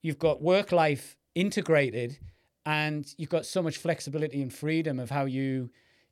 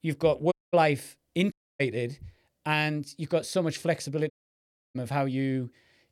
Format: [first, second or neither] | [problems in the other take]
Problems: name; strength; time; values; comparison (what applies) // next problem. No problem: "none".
first | audio cutting out; at 0.5 s, at 1.5 s and at 4.5 s for 0.5 s